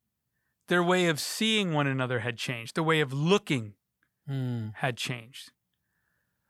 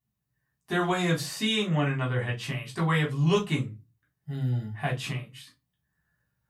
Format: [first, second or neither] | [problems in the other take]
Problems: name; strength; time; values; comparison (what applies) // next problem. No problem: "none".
first | off-mic speech; far // room echo; very slight; dies away in 0.2 s